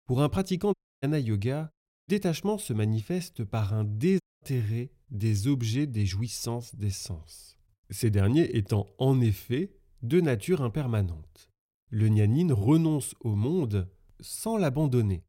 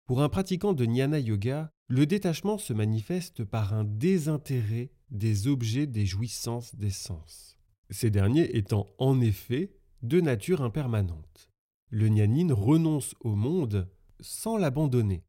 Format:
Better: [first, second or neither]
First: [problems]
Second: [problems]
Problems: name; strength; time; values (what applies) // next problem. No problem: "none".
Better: second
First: audio cutting out; at 0.5 s, at 2 s and at 4 s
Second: none